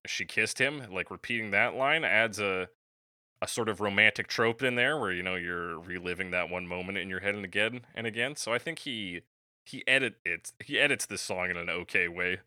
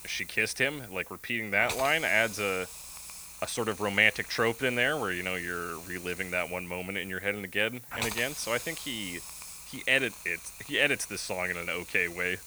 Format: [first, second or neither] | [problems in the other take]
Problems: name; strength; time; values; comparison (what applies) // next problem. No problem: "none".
first | hiss; noticeable; throughout; 10 dB below the speech